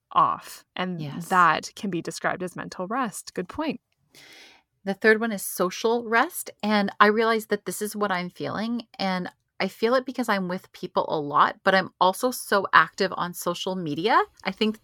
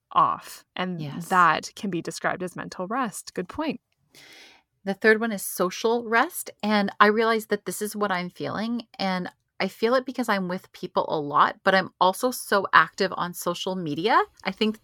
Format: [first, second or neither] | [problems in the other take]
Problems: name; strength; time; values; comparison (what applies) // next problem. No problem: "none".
neither | none